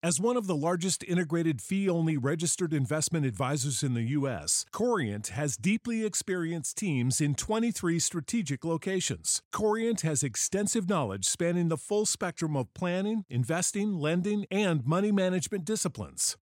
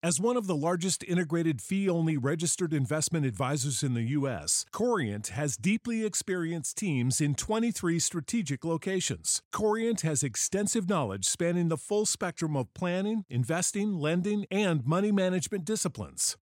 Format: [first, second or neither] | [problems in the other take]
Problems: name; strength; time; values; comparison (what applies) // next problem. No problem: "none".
neither | none